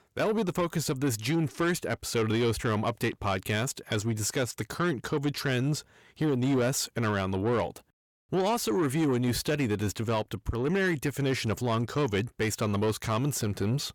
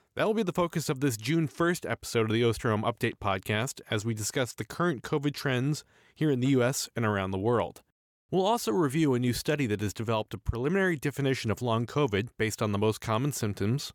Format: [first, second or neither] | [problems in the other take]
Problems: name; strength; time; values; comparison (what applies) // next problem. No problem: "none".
second | distortion; slight; 10 dB below the speech